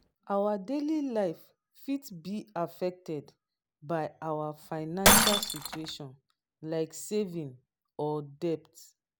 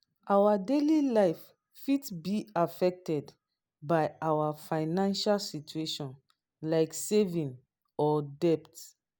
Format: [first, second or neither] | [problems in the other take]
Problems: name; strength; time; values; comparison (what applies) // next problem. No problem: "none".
second | background sound (Shatter); 1 dB above the speech